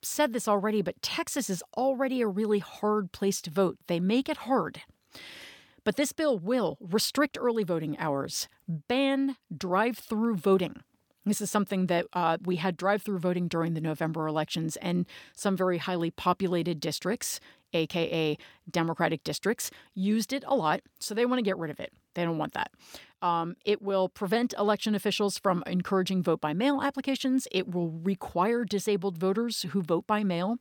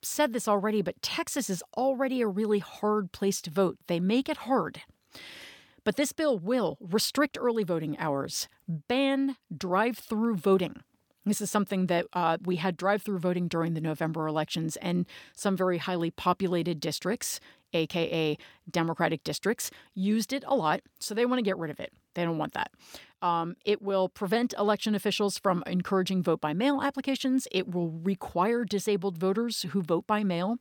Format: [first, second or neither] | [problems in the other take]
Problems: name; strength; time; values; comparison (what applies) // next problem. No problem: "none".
neither | none